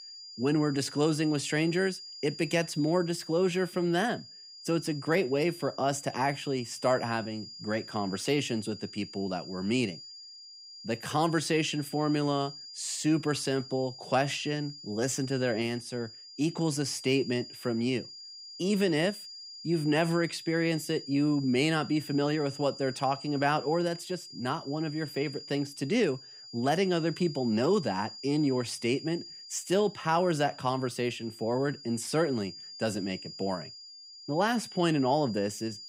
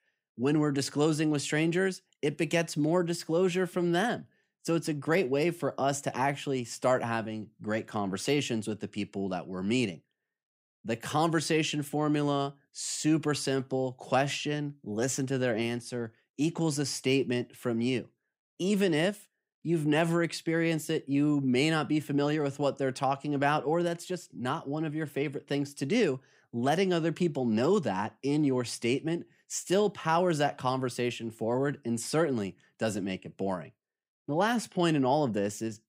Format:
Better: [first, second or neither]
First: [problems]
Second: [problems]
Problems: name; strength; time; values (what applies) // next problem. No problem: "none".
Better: second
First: high-pitched whine; noticeable; throughout; 5 kHz, 15 dB below the speech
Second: none